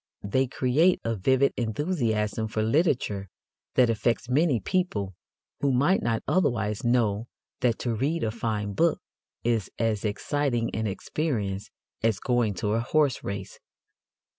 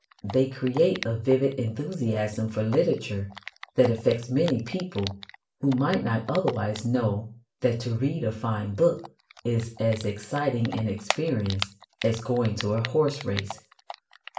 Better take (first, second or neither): first